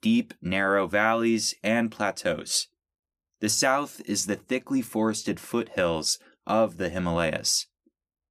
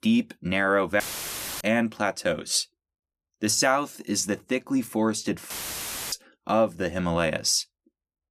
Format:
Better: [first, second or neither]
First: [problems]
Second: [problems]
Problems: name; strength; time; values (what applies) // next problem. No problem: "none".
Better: first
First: none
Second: audio cutting out; filled with static; at 1 s for 0.5 s and at 5.5 s for 0.5 s